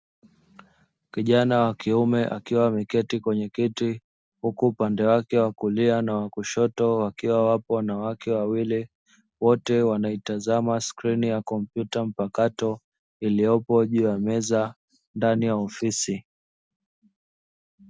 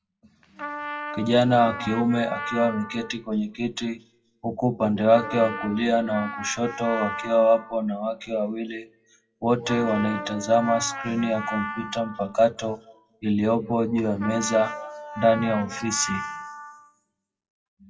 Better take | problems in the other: first | noise reduction (classical method WPE with log-MMSE)

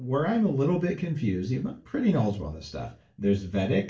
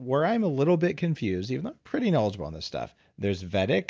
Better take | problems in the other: second | room echo; dies away in 0.3 s

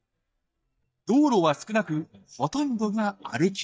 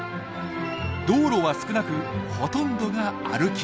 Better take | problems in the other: second | noise reduction (neural mask model DeepFilterNet 3)

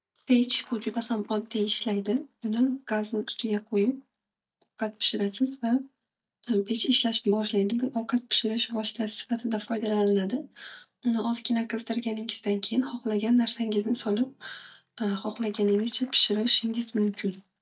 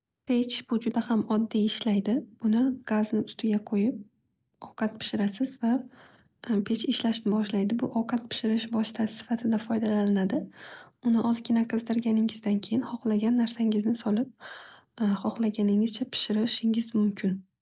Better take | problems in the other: second | noise reduction (neural mask model DeepFilterNet 3)

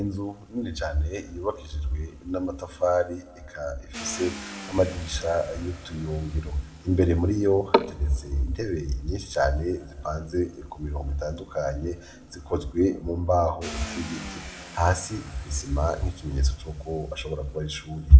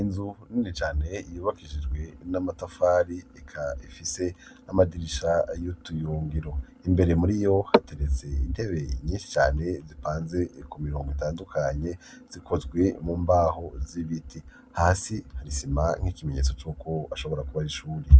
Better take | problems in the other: second | background sound (Car); 19 dB below the speech // room echo; dies away in 1.7 s

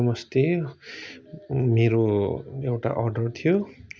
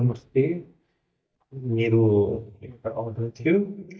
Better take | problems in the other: first | noise reduction (neural mask model DeepFilterNet 3)

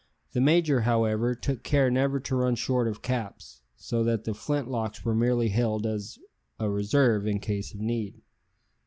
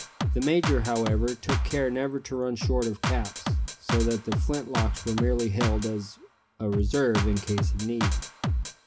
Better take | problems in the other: first | background sound (Drum kit); as loud as the speech // room echo; dies away in 0.3 s

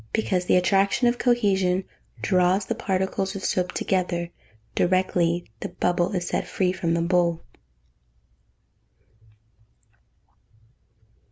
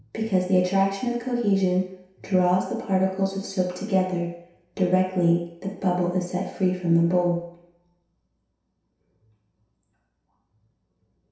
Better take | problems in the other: first | room echo; dies away in 0.7 s

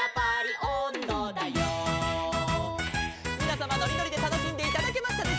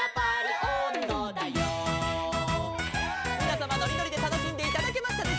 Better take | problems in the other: first | background sound (Cheering); 9 dB below the speech

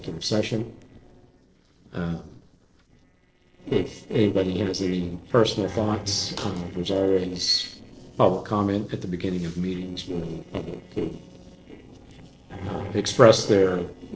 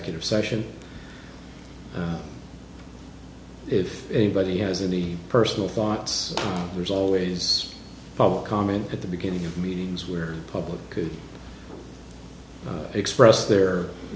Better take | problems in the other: second | noise reduction (neural separator model SepFormer DNS4)

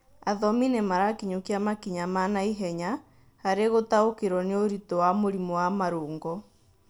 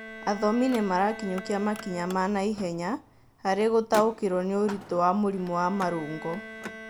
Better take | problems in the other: first | background sound (Bowed string instrument + Car); 15 dB below the speech

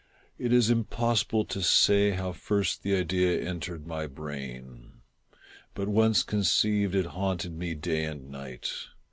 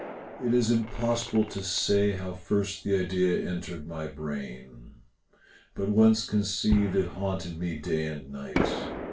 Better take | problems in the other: first | background sound (Fireworks); 10 dB below the speech // room echo; dies away in 0.2 s

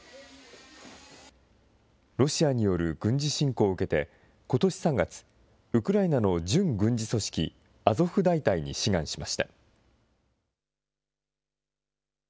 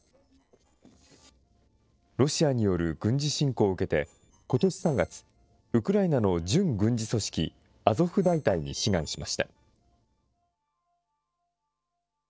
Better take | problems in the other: first | noise reduction (neural separator model SepFormer DNS4)

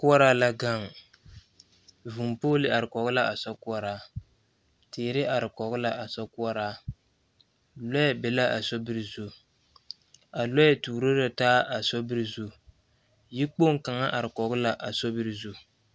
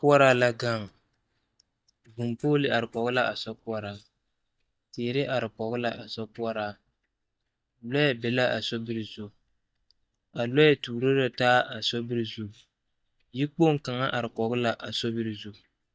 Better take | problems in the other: first | noise reduction (neural mask model DeepFilterNet 3)

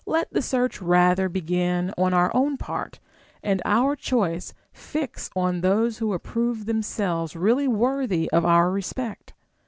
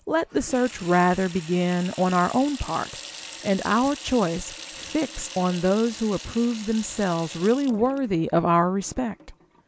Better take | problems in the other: first | background sound (Sink (filling or washing) / Water tap, faucet); 17 dB below the speech

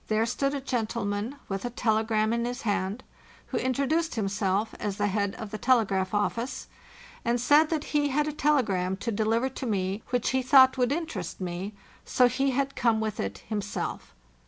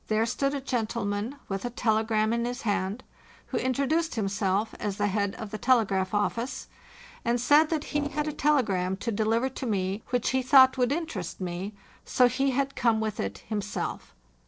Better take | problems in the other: first | noise reduction (neural separator model SepFormer DNS4)

